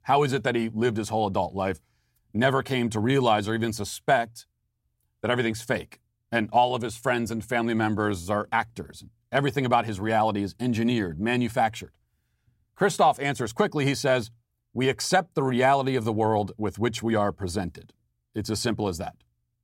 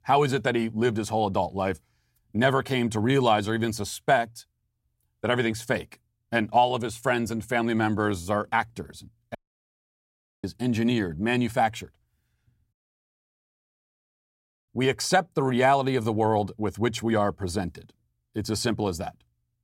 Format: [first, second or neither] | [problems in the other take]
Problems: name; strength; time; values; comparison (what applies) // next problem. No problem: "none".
first | audio cutting out; at 9.5 s for 1 s and at 13 s for 2 s